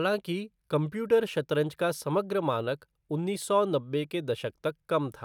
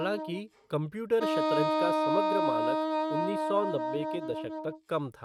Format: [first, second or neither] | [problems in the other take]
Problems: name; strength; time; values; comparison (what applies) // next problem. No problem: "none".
first | noise reduction (neural mask model RNNoise)